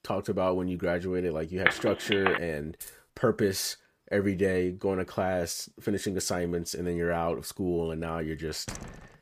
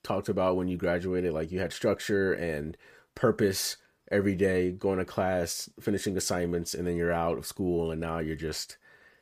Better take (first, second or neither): second